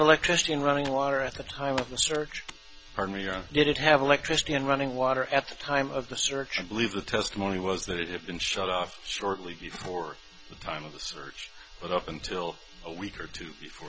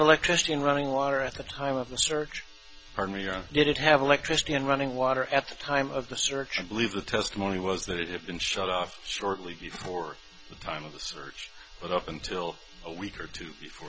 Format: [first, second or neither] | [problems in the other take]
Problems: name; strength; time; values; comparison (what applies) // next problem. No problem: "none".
second | background sound (Computer keyboard); 16 dB below the speech